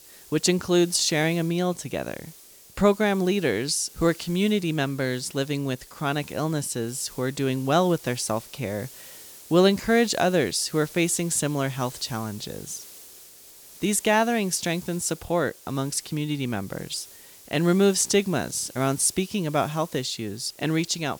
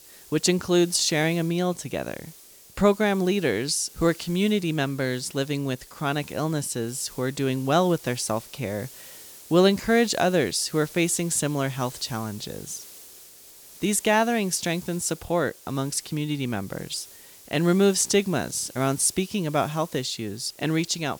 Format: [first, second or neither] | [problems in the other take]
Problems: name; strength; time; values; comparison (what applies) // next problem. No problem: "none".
neither | hiss; noticeable; throughout; 20 dB below the speech; the same in both